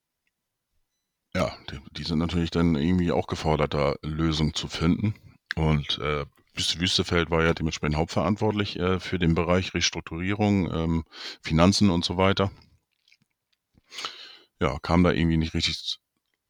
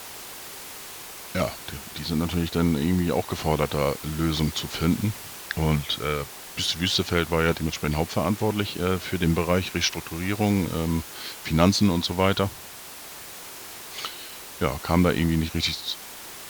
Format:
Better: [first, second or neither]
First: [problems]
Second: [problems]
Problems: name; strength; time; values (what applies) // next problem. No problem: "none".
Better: first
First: none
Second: hiss; noticeable; throughout; 15 dB below the speech